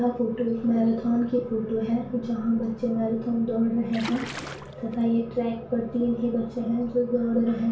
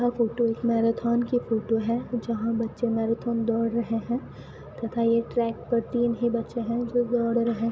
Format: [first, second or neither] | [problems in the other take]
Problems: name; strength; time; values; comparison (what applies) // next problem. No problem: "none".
second | background sound (Splash, splatter); 13 dB below the speech // room echo; dies away in 0.3 s